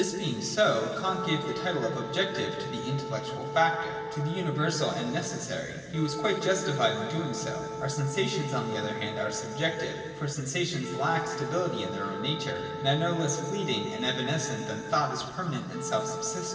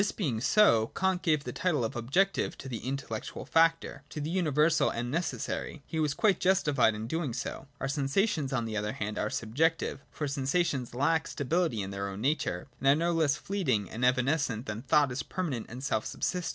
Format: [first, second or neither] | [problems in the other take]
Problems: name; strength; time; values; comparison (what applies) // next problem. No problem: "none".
second | background sound (Wind instrument, woodwind instrument); 8 dB below the speech // room echo; dies away in 2.5 s